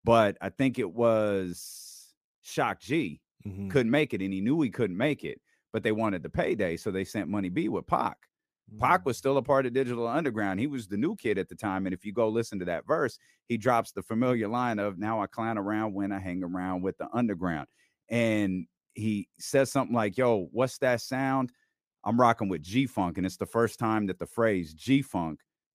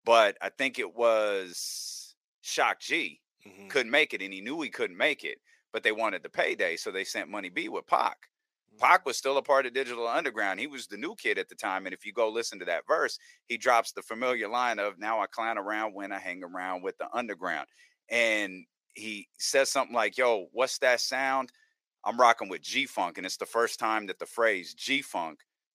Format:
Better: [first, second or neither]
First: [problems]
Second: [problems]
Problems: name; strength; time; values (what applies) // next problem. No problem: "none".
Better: first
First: none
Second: thin; very; fading below 600 Hz